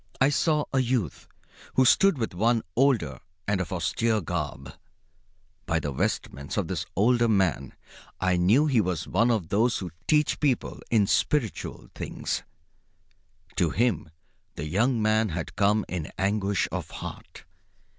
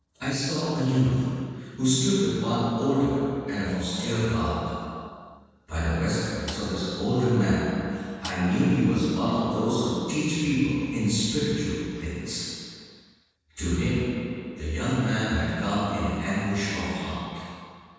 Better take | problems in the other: first | noise reduction (neural separator model SepFormer DNS4)

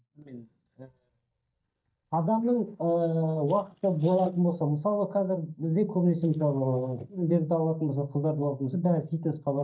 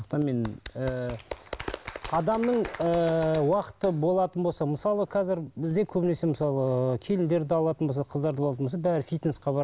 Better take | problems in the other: second | noise reduction (neural mask model DeepFilterNet 3)

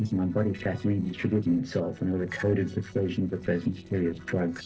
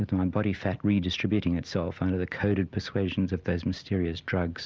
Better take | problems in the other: second | noise reduction (neural separator model SepFormer DNS4)

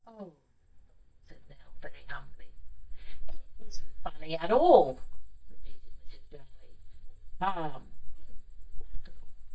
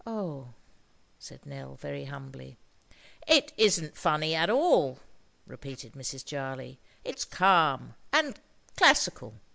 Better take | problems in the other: second | noise reduction (neural mask model DeepFilterNet 3)

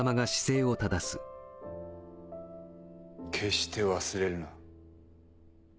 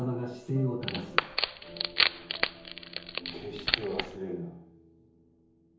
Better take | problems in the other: first | background sound (Wood); 5 dB above the speech // room echo; dies away in 0.7 s

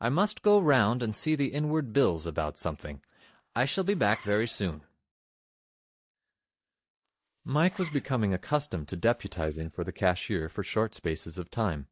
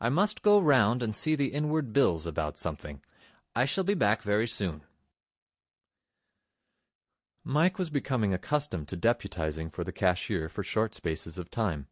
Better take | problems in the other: second | noise reduction (neural mask model DeepFilterNet 3)

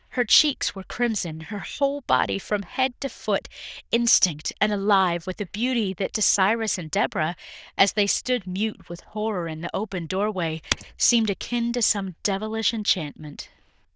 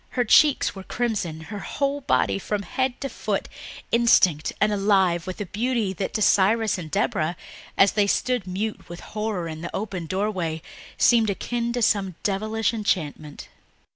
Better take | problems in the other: second | noise reduction (neural diffusion model UNIVERSE++)

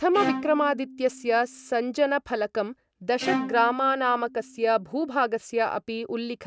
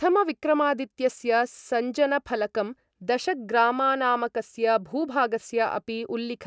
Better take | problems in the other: second | background sound (Bowed string instrument); 11 dB below the speech

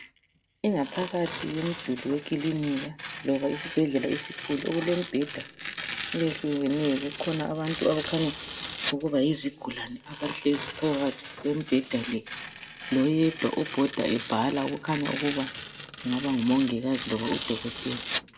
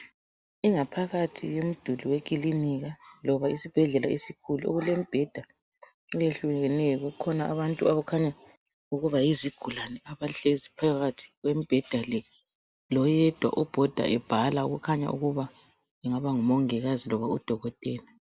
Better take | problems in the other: second | background sound (Tearing); 10 dB below the speech // room echo; dies away in 0.7 s

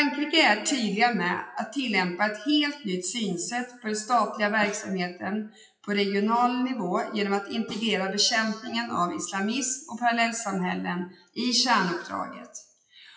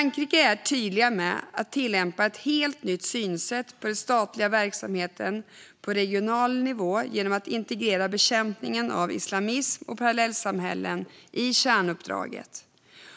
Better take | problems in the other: second | noise reduction (classical method WPE with log-MMSE)

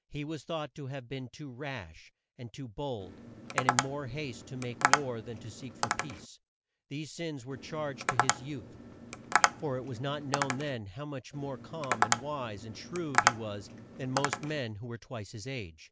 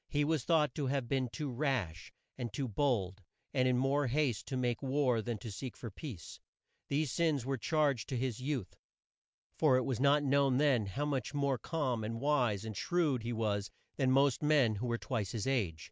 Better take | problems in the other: second | background sound (Tap); 5 dB above the speech

